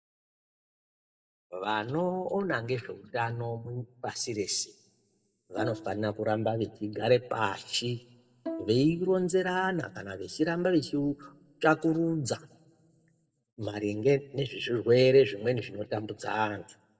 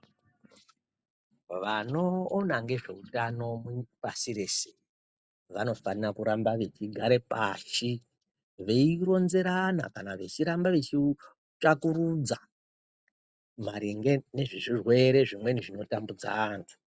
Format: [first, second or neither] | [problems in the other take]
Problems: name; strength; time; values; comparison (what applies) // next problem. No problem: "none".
second | noise reduction (neural mask model DeepFilterNet 3)